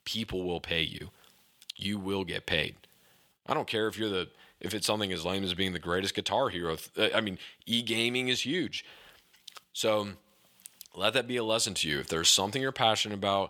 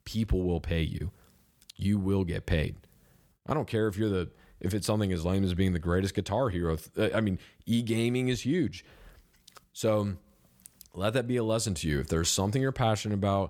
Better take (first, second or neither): second